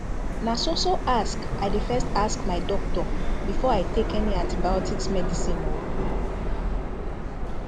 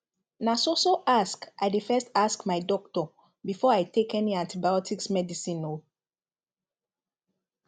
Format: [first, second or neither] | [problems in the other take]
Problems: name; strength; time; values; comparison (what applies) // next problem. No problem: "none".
second | background sound (Subway, metro, underground); 4 dB above the speech